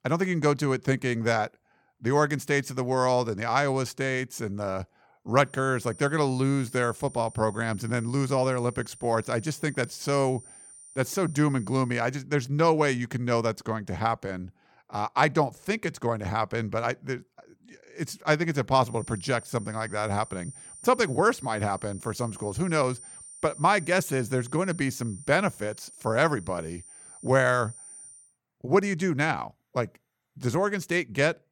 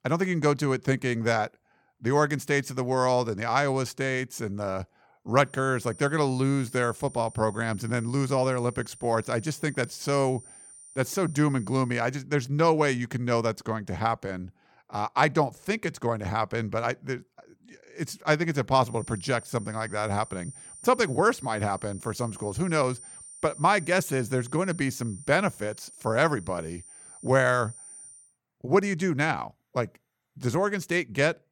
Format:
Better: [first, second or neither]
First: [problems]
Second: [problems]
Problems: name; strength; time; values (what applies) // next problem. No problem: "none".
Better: neither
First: high-pitched whine; noticeable; from 5.5 to 12 s and from 19 to 28 s; 9 kHz, 20 dB below the speech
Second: high-pitched whine; noticeable; from 5.5 to 12 s and from 19 to 28 s; 9 kHz, 20 dB below the speech